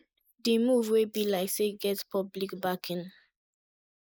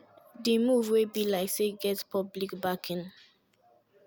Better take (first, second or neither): second